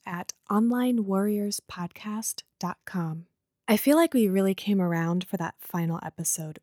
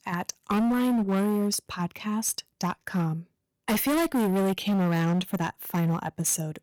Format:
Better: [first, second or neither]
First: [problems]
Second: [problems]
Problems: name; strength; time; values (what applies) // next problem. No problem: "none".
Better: first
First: none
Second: distortion; heavy; 19% of the sound clipped